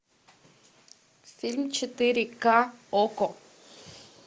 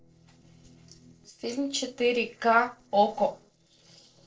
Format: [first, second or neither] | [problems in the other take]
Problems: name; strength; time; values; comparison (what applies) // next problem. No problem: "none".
first | noise reduction (neural separator model SepFormer DNS4)